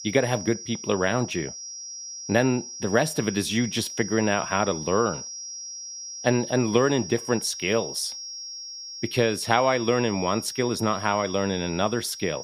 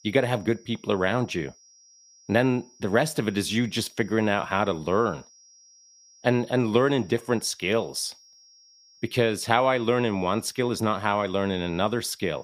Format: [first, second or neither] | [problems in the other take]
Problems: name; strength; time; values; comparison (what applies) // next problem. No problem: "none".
second | high-pitched whine; loud; throughout; 5.5 kHz, 10 dB below the speech; faint in the second